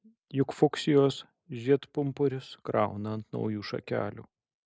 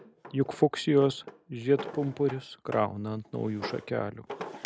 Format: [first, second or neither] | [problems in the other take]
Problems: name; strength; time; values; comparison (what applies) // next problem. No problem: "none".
first | background sound (Drawer open or close); 12 dB below the speech